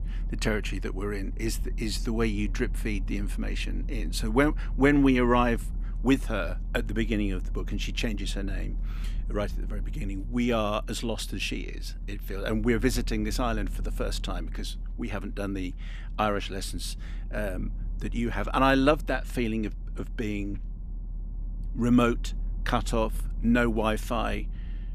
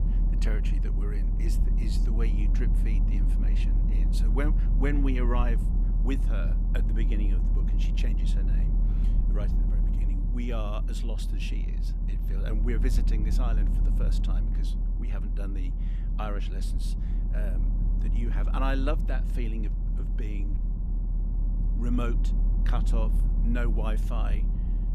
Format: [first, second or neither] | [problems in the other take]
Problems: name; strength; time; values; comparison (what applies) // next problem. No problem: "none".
first | low rumble; loud; throughout; 7 dB below the speech; faint in the first